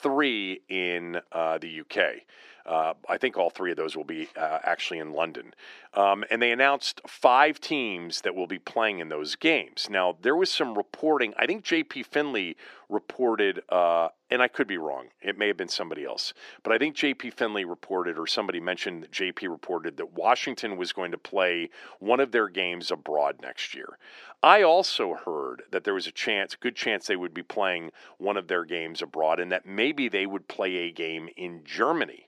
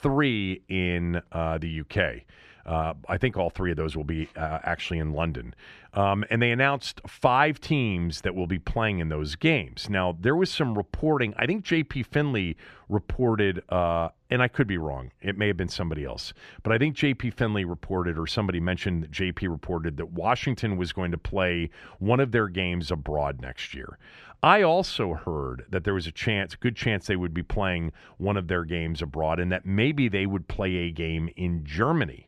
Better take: second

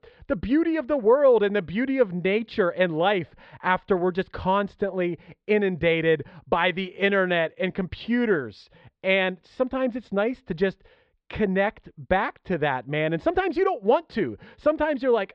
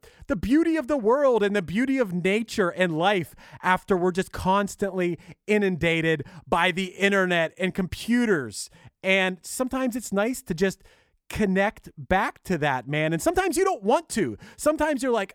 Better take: second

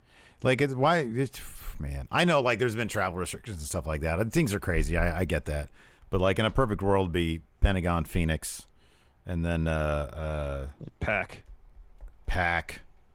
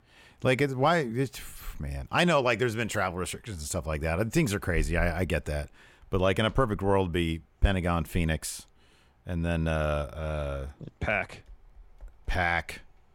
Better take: second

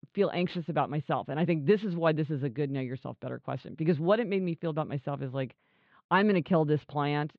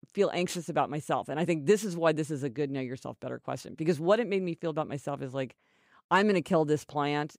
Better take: second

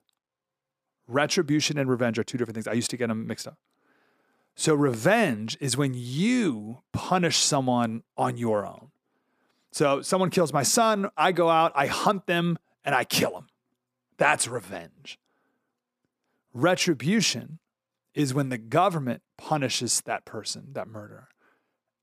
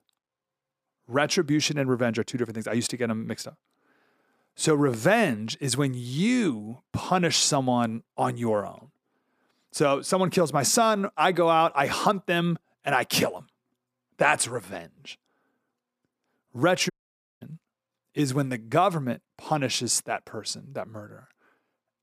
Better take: first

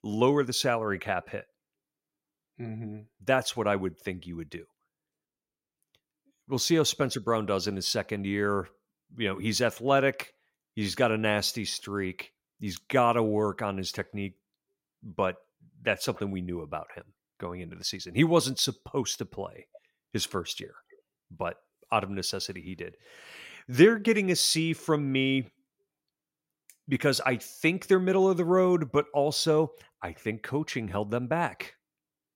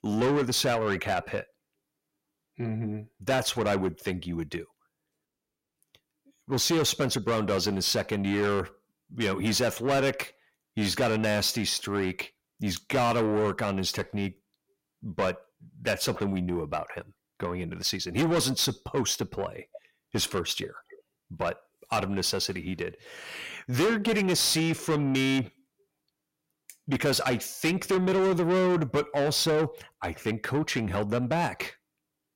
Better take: first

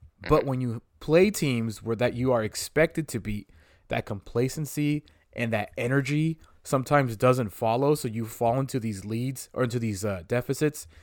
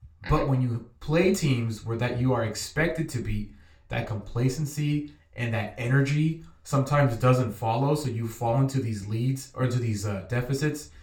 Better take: first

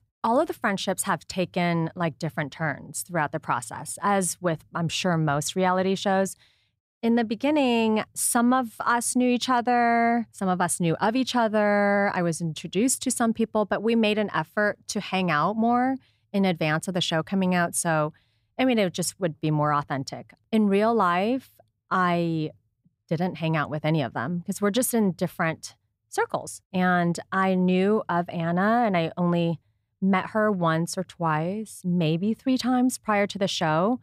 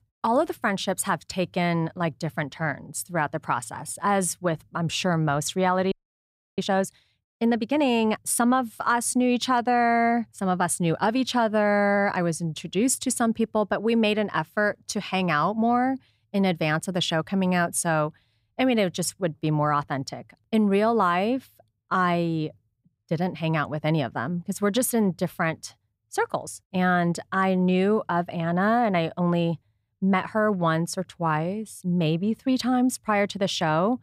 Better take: first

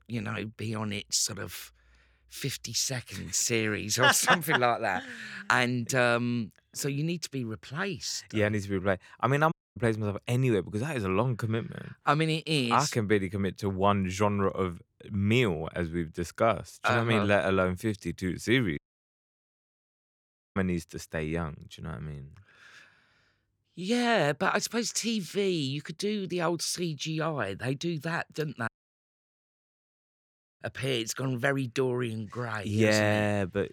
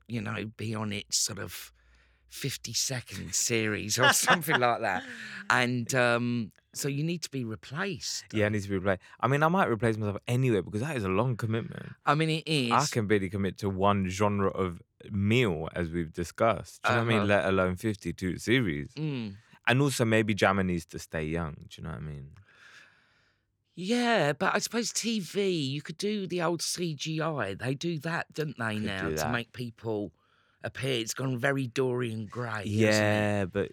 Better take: second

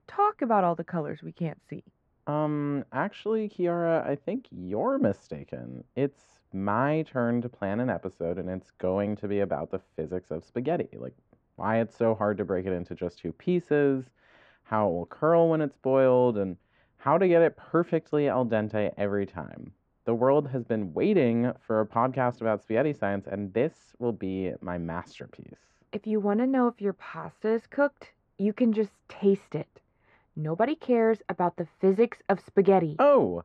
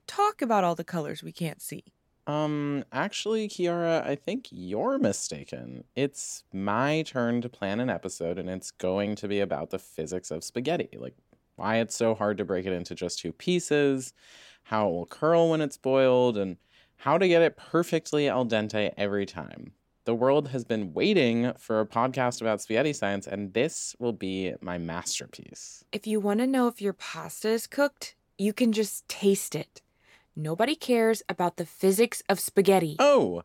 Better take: second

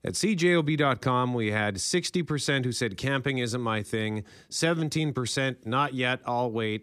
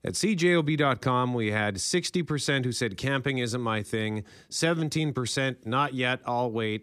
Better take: neither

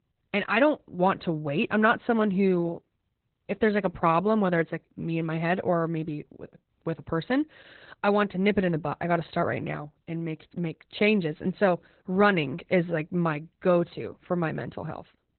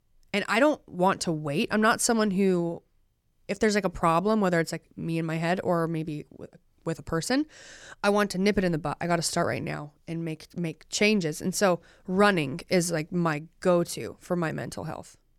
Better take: second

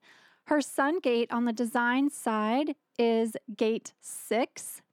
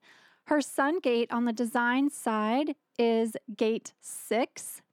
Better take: neither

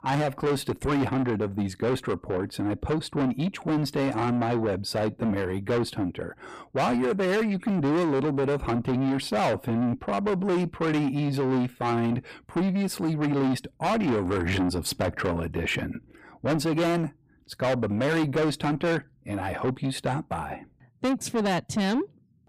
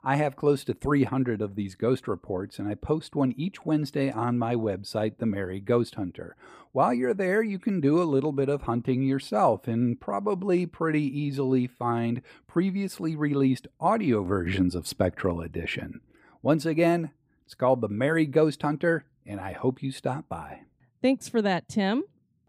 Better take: second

